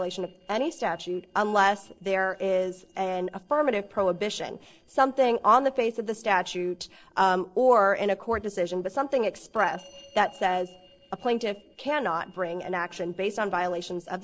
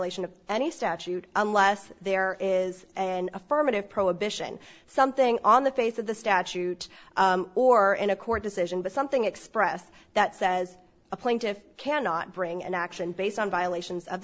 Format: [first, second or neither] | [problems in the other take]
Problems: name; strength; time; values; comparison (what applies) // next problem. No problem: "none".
second | noise reduction (neural separator model SepFormer DNS4)